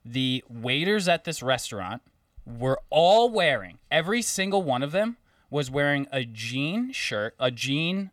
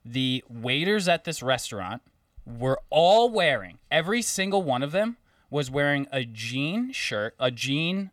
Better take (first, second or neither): neither